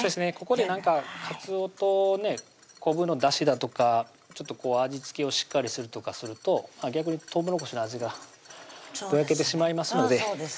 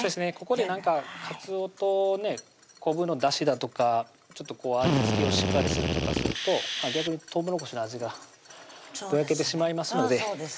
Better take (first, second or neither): first